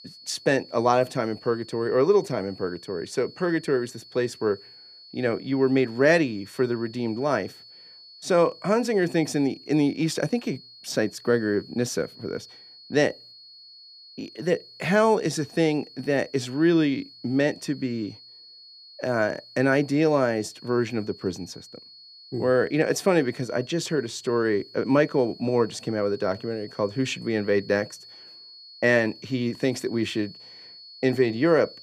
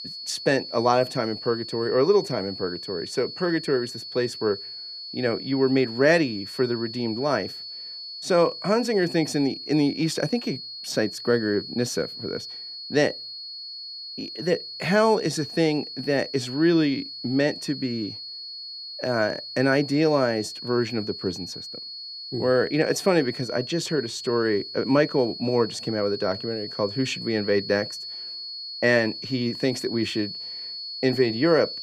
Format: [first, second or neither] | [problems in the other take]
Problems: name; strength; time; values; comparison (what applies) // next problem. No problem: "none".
first | high-pitched whine; loud; throughout; 4.5 kHz, 9 dB below the speech; faint in the first